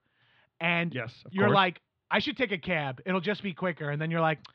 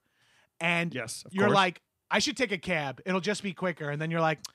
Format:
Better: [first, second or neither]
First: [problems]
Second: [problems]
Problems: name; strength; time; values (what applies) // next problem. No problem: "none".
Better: second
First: muffled; slightly; fading above 4 kHz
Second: none